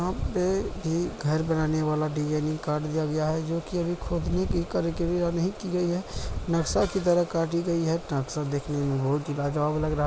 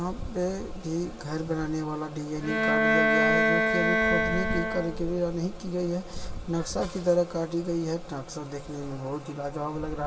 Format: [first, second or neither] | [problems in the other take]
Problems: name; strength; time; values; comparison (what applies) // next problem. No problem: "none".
first | background sound (Bowed string instrument); 4 dB above the speech // room echo; dies away in 2.2 s